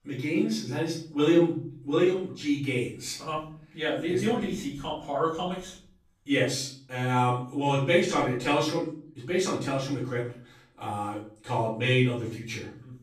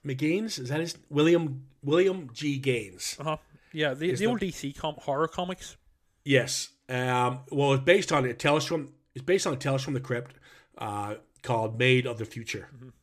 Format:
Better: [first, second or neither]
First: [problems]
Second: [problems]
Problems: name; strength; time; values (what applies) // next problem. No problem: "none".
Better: second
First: off-mic speech; far // room echo; noticeable; dies away in 0.4 s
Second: none